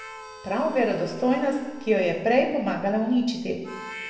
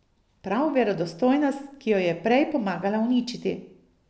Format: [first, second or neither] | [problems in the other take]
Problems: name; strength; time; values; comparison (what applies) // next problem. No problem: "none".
second | background sound (Harmonica); 18 dB below the speech // room echo; dies away in 1 s